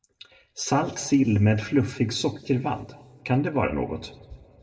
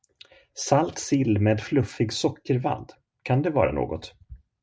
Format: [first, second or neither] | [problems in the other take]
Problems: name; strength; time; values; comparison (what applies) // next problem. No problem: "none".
second | room echo; dies away in 1.4 s